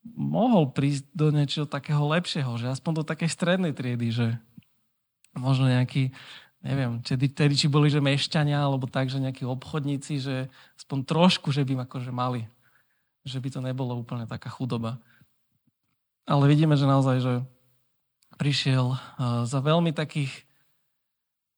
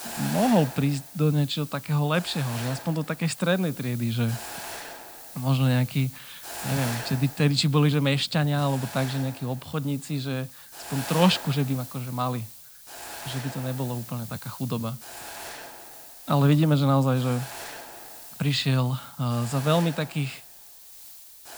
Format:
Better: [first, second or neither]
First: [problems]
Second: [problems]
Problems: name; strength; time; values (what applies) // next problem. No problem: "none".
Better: first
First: none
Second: hiss; noticeable; throughout; 15 dB below the speech